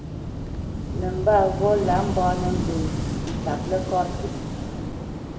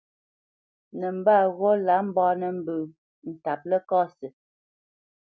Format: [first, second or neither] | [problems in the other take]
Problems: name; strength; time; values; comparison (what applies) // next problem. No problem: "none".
second | background sound (Waves, surf / Wind); 2 dB below the speech // room echo; dies away in 0.6 s